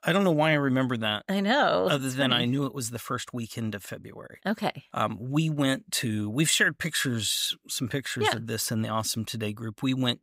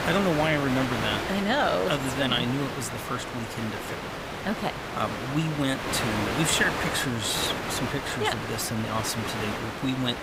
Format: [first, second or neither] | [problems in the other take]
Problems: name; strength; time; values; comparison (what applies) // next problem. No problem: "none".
first | hiss; loud; throughout; 3 dB below the speech